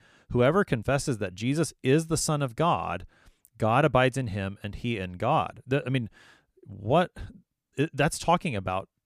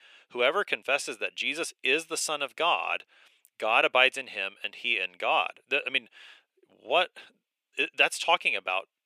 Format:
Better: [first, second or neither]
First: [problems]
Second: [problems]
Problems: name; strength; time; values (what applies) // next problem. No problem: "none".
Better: first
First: none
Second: thin; very; fading below 450 Hz